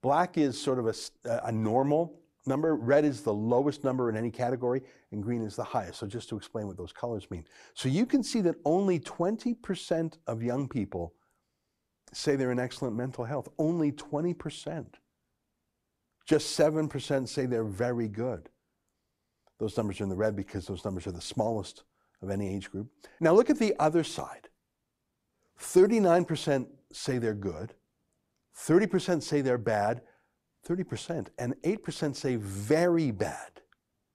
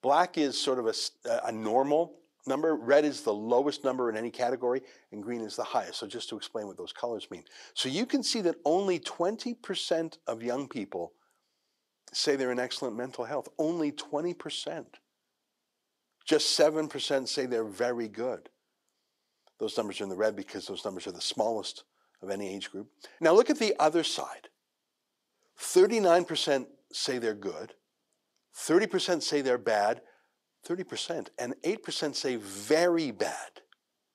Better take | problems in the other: first | thin; very slightly; fading below 350 Hz

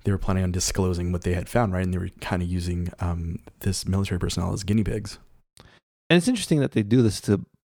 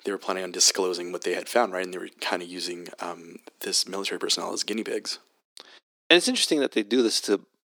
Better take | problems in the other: first | thin; somewhat; fading below 300 Hz

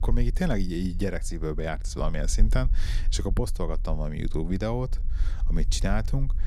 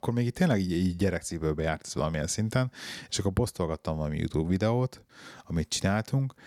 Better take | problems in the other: second | low rumble; faint; throughout; 20 dB below the speech

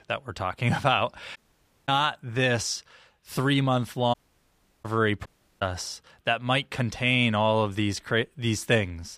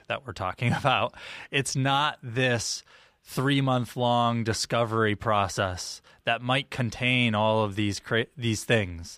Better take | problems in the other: second | audio cutting out; at 1.5 s for 0.5 s, at 4 s for 0.5 s and at 5.5 s

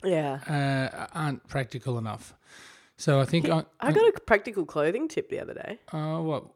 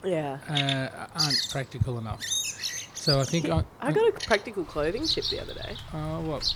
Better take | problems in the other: first | animal sounds; very loud; throughout; as loud as the speech

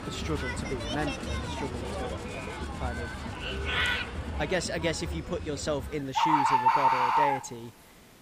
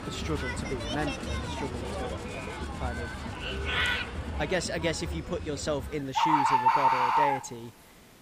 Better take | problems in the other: neither | animal sounds; very loud; throughout; 5 dB above the speech; the same in both

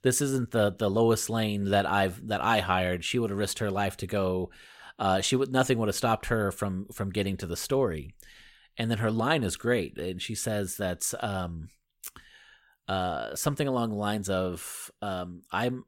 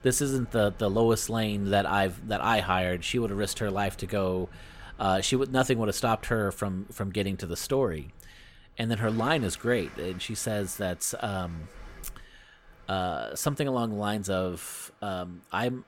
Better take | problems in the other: first | train or aircraft noise; faint; throughout; 25 dB below the speech

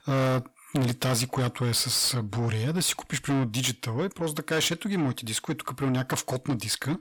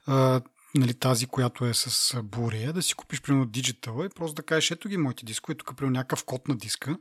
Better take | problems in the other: second | distortion; heavy; 7 dB below the speech

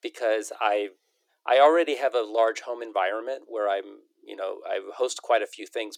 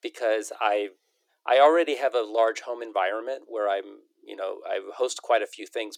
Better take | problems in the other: neither | thin; very; fading below 300 Hz; the same in both

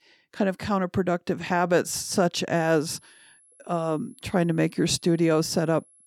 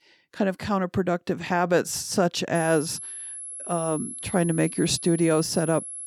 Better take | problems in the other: first | high-pitched whine; loud; from 2.5 s on; 11 kHz, 9 dB below the speech; faint in the first

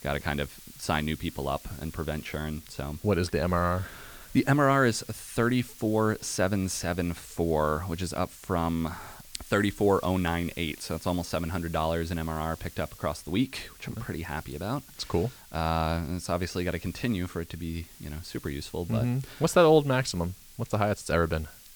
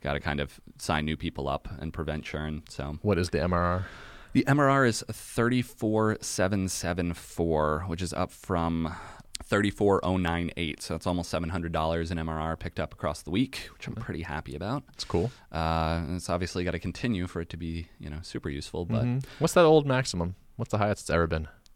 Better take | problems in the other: second | hiss; noticeable; throughout; 20 dB below the speech

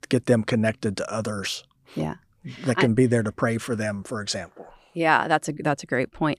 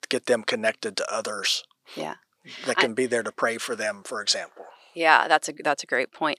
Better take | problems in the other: first | thin; somewhat; fading below 500 Hz

